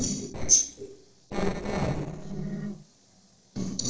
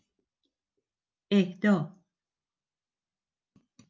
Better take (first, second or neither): second